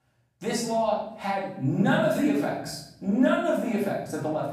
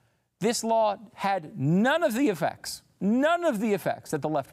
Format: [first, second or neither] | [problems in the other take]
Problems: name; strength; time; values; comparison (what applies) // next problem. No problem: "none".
second | off-mic speech; far // room echo; noticeable; dies away in 0.8 s